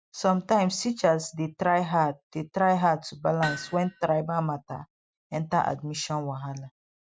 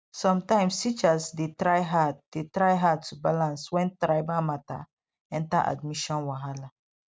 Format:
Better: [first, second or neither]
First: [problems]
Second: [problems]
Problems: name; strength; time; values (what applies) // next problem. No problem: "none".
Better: second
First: noise reduction (classical method Wiener filter)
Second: none